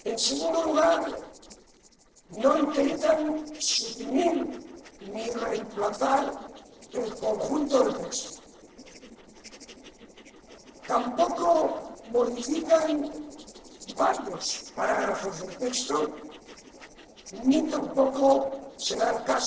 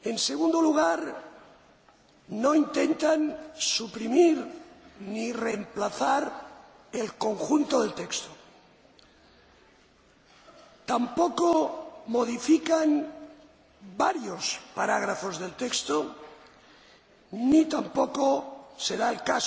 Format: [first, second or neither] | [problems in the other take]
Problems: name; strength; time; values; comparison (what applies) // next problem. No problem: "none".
second | noise reduction (neural separator model SepFormer DNS4)